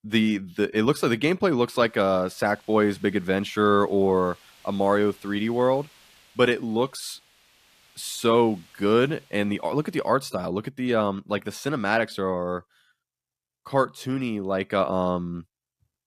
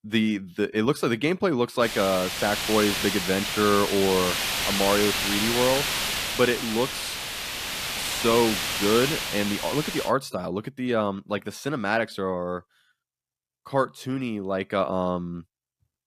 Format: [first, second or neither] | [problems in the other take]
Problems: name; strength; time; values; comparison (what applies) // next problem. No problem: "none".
first | hiss; loud; from 2 to 10 s; 1 dB below the speech; faint in the first